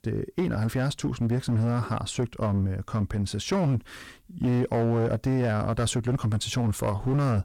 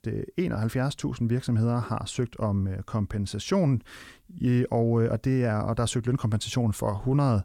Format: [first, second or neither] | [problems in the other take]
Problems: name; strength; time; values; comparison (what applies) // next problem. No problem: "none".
second | distortion; slight; 11% of the sound clipped